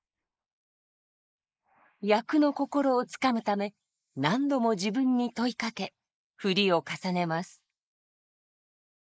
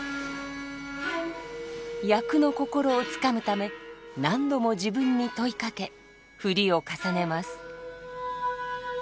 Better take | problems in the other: second | noise reduction (neural mask model Resemble Enhance denoiser)

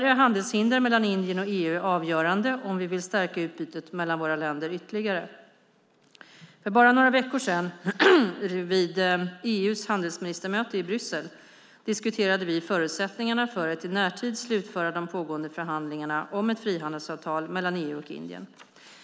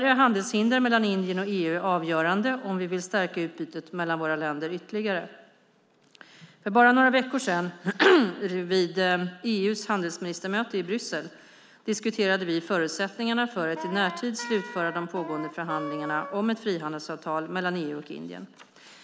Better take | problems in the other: first | background sound (Wind instrument, woodwind instrument); 11 dB below the speech

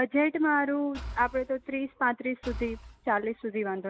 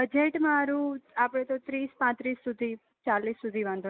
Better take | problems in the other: second | background sound (Engine / Car); 14 dB below the speech

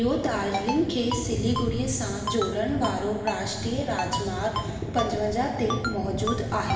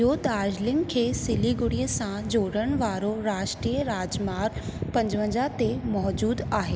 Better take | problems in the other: second | background sound (Ringtone); 9 dB below the speech // room echo; dies away in 1.3 s

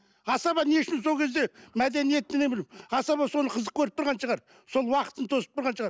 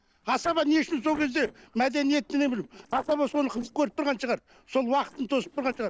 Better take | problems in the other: first | noise reduction (neural separator model SepFormer DNS4)

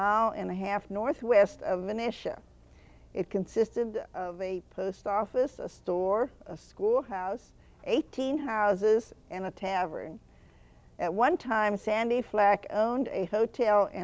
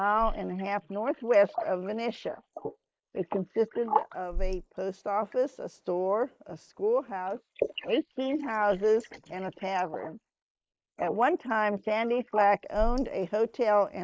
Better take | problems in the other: first | noise reduction (neural mask model Resemble Enhance denoiser)

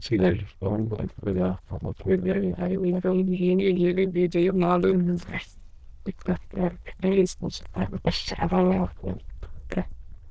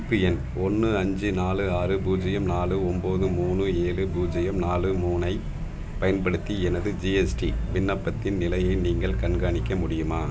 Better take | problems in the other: second | noise reduction (neural diffusion model UNIVERSE++)

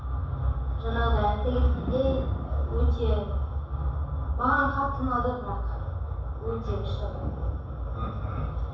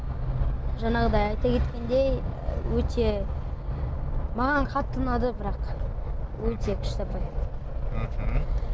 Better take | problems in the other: second | background sound (Thunder); 16 dB below the speech // room echo; dies away in 0.7 s

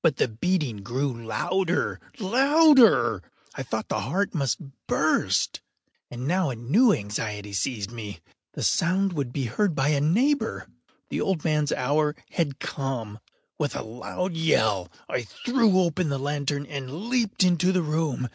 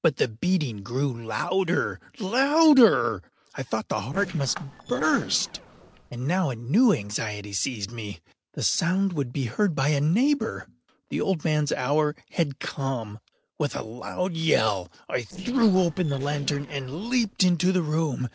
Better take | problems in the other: first | noise reduction (neural separator model SepFormer DNS4)

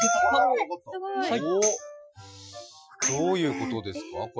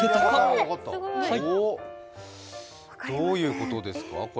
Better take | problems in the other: second | noise reduction (classical method Wiener filter)

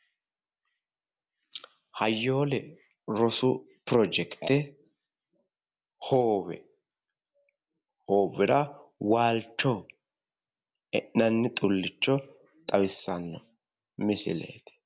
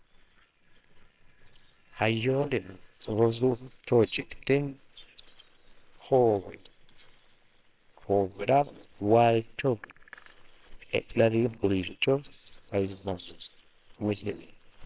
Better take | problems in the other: first | noise reduction (neural separator model SepFormer WHAMR!)

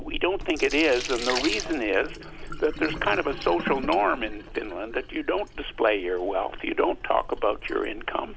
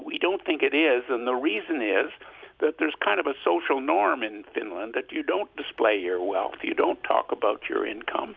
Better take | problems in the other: second | background sound (Sink (filling or washing)); 9 dB below the speech

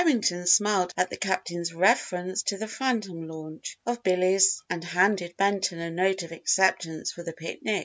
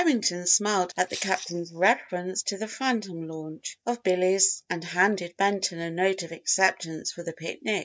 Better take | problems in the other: first | noise reduction (neural mask model DeepFilterNet 3)

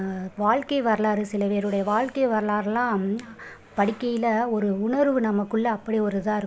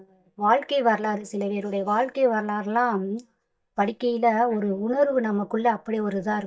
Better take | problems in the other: first | noise reduction (neural mask model DeepFilterNet 3)

